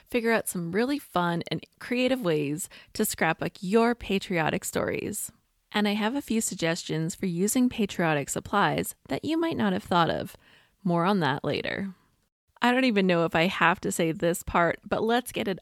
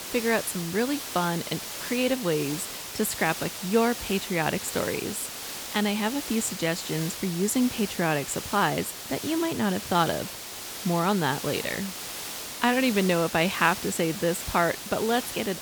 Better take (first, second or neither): first